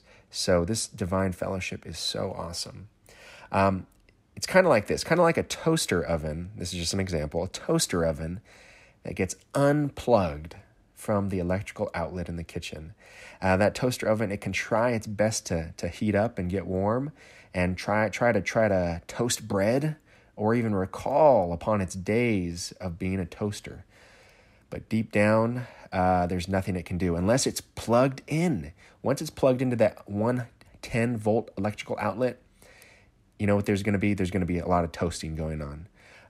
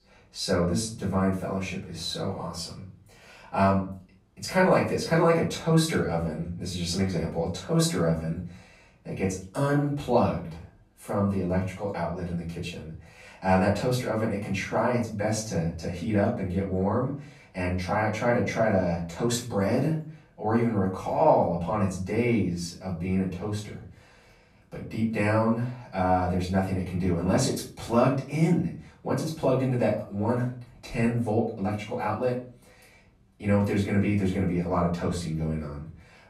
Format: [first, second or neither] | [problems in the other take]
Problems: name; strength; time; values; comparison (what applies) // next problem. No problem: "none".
first | off-mic speech; far // room echo; slight; dies away in 0.4 s